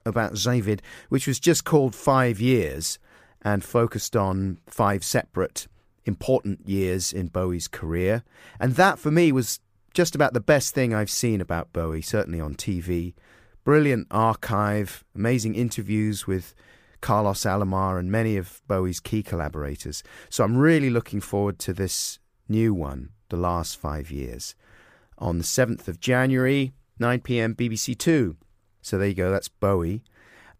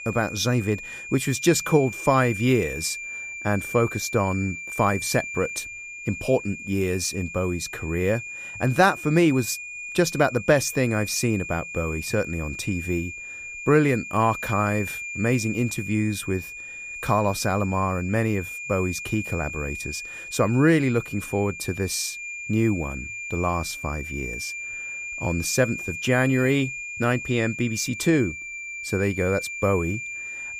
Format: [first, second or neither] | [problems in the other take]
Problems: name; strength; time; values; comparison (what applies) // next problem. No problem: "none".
first | high-pitched whine; loud; throughout; 2.5 kHz, 8 dB below the speech